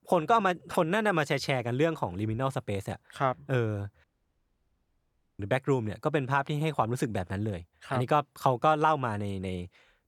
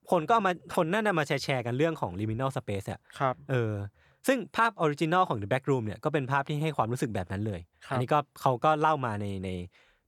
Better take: second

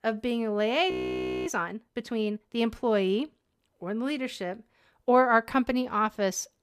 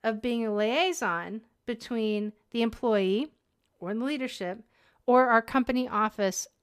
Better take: second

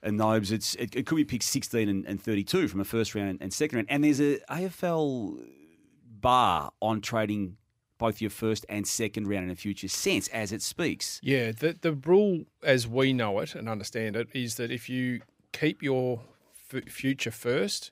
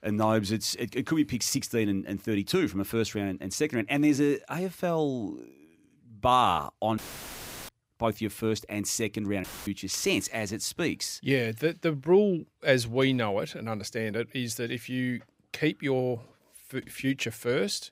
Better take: first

